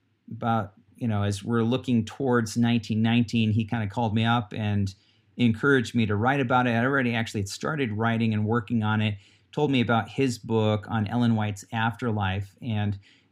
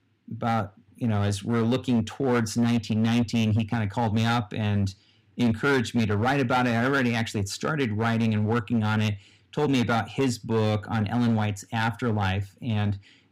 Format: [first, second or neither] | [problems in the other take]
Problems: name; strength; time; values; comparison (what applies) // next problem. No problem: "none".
first | distortion; slight; 9% of the sound clipped